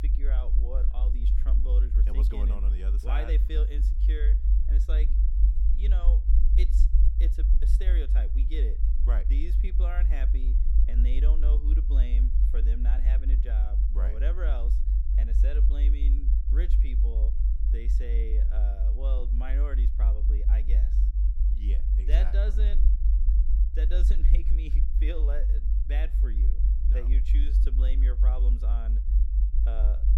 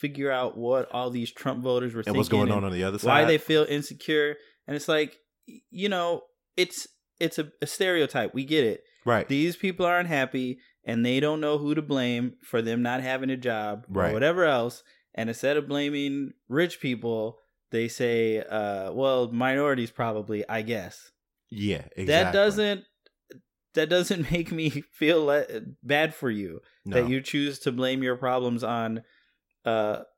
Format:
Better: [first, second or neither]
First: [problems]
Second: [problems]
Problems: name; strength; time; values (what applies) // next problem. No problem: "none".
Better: second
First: low rumble; loud; throughout; 4 dB below the speech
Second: none